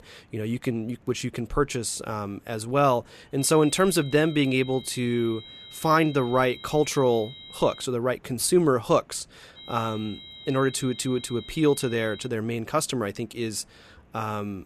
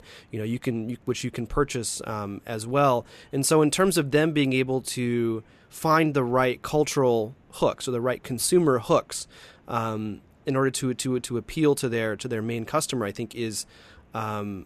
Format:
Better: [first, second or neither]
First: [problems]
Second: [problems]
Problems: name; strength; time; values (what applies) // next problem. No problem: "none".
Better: second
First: high-pitched whine; noticeable; from 3.5 to 8 s and from 9.5 to 12 s; 4 kHz, 15 dB below the speech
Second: none